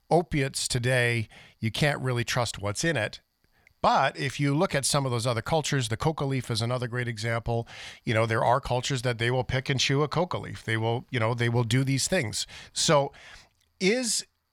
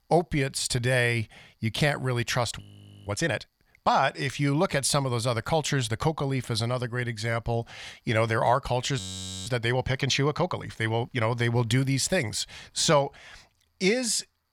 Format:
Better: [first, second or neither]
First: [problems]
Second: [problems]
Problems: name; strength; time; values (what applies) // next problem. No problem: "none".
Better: first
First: none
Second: audio freezing; at 2.5 s and at 9 s